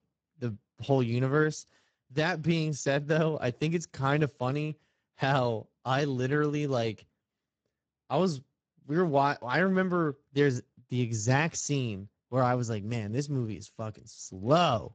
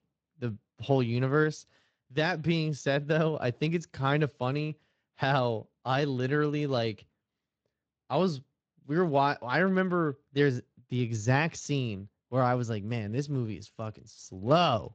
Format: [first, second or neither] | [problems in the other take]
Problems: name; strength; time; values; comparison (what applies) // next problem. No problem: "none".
second | garbled, watery; badly; nothing above 7.5 kHz; slightly in the second